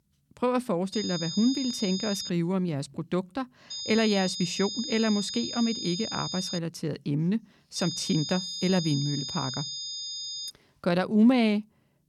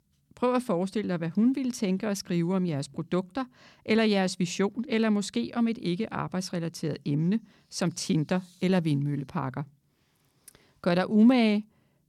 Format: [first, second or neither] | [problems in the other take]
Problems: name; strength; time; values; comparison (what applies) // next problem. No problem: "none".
second | high-pitched whine; loud; from 1 to 2.5 s, from 3.5 to 6.5 s and from 8 to 11 s; 5 kHz, 5 dB below the speech